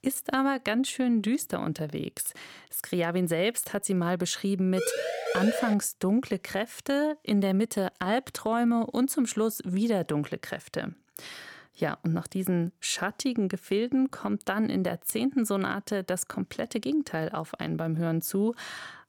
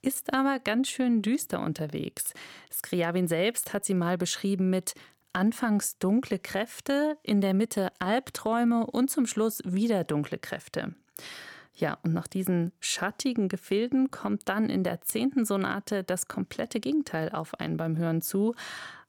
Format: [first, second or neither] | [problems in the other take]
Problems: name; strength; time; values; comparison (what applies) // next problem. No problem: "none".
second | siren; noticeable; at 5 s; peak 1 dB below the speech